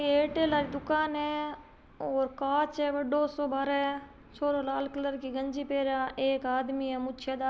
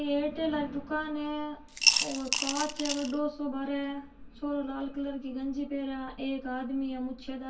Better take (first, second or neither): first